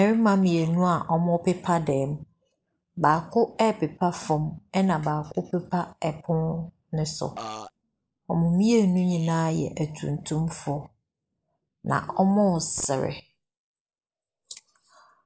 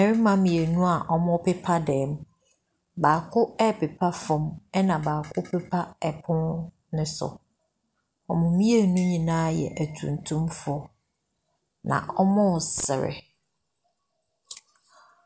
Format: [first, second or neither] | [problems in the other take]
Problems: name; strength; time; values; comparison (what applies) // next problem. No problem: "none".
second | noise reduction (neural mask model Resemble Enhance denoiser)